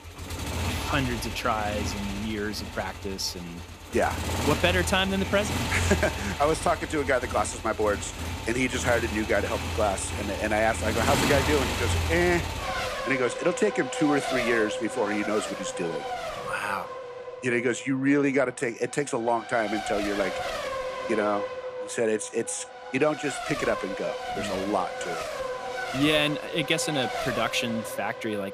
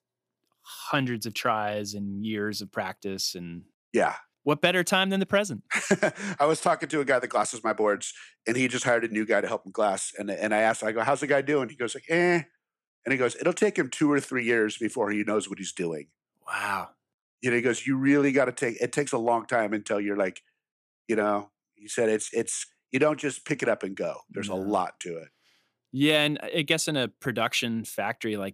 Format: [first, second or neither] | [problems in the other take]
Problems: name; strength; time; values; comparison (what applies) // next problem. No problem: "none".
second | traffic noise; loud; throughout; 5 dB below the speech